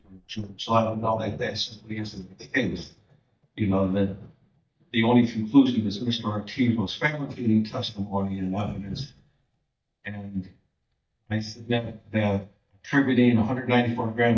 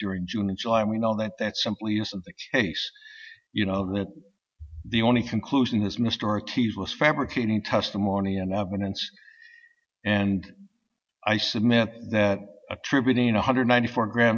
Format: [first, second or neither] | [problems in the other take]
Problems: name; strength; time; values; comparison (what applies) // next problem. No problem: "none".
second | noise reduction (neural mask model DeepFilterNet 3)